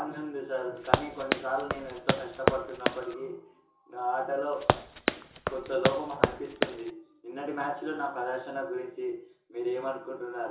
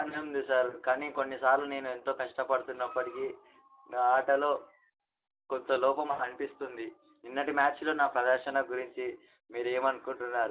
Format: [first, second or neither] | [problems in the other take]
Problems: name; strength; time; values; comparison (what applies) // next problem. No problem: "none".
second | background sound (Run); 4 dB above the speech // room echo; dies away in 0.7 s